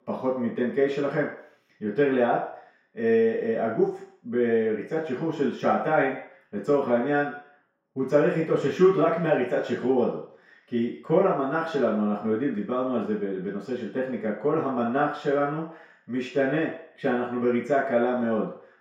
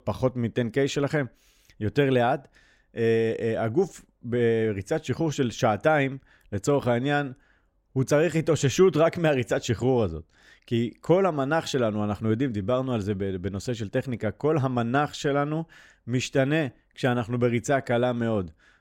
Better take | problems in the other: second | room echo; noticeable; dies away in 0.6 s // off-mic speech; far

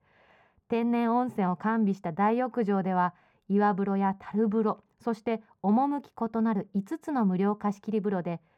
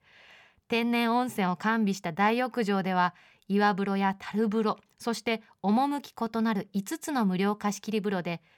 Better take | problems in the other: second | muffled; very; fading above 2 kHz

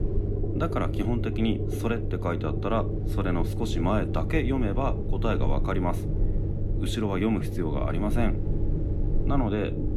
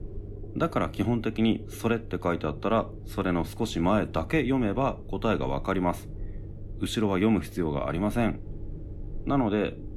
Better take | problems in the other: second | low rumble; loud; throughout; 7 dB below the speech; faint in the second

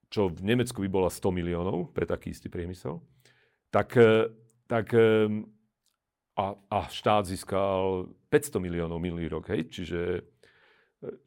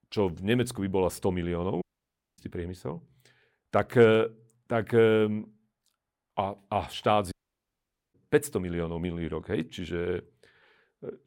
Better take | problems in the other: first | audio cutting out; at 2 s for 0.5 s and at 7.5 s for 1 s

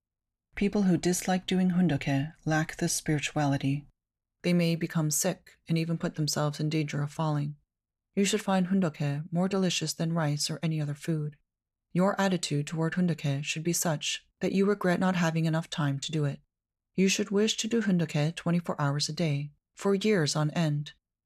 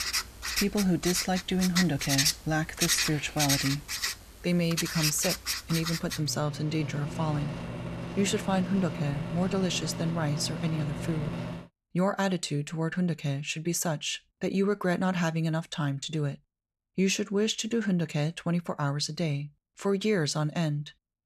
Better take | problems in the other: first | household noises; loud; until 12 s; 2 dB below the speech

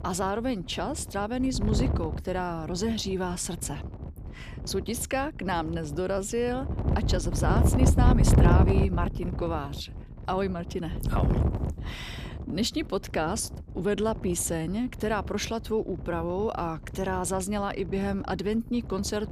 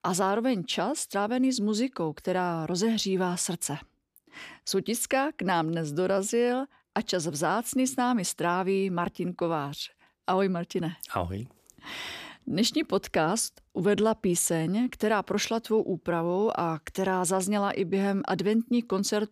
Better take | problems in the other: second | wind noise on the microphone; heavy; 6 dB below the speech

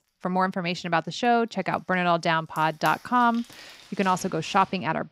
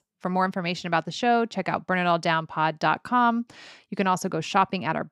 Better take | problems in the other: second | household noises; faint; throughout; 20 dB below the speech

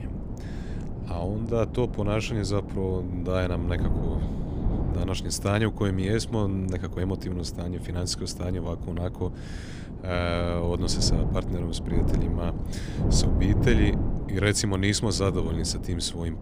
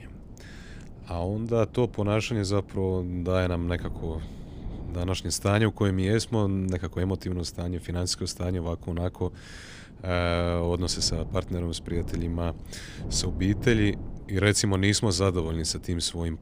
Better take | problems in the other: second | wind noise on the microphone; heavy; 9 dB below the speech; occasional gusts in the second

